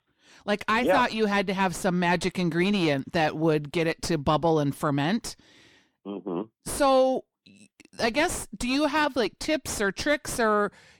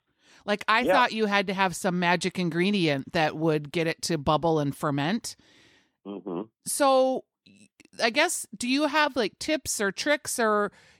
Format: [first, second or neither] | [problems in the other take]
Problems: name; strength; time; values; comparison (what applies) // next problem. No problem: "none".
second | distortion; slight; 8 dB below the speech